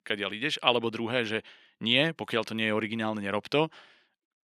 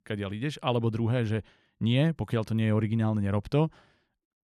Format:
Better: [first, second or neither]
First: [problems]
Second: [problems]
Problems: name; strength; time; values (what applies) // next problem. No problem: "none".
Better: second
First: thin; somewhat; fading below 300 Hz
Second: none